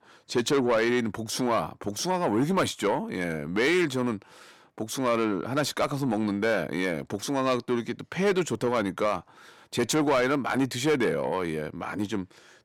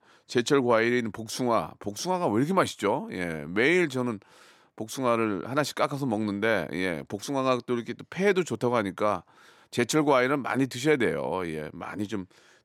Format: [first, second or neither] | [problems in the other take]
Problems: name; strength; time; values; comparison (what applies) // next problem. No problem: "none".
second | distortion; slight; 10 dB below the speech